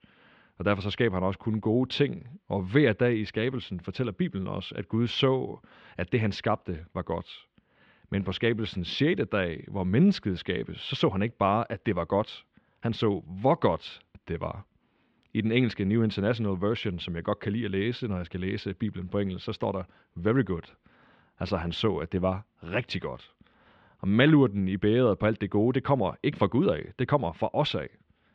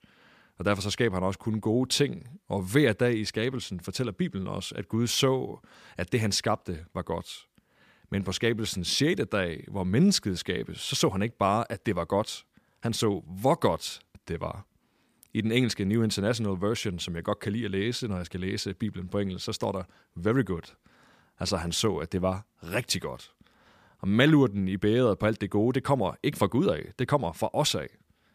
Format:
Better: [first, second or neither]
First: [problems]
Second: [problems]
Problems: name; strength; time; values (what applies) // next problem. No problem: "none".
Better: second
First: muffled; slightly; fading above 3 kHz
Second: none